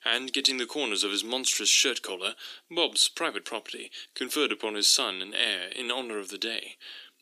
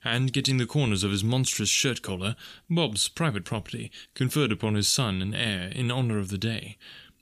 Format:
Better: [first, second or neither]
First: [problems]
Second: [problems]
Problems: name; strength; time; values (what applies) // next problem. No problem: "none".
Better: second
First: thin; very; fading below 300 Hz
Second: none